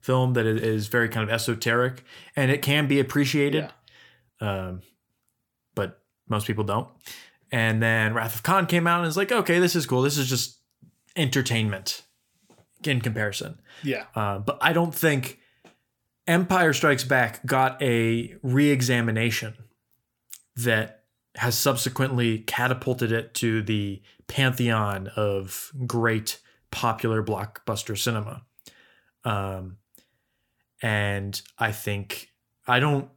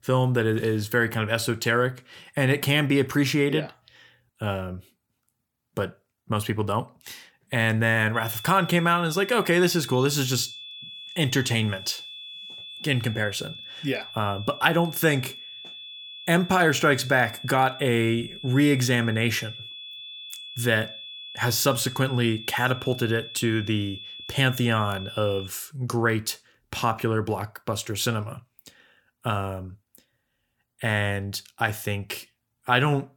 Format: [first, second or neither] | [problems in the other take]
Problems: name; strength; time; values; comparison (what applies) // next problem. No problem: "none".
first | high-pitched whine; noticeable; from 8 to 25 s; 3.5 kHz, 15 dB below the speech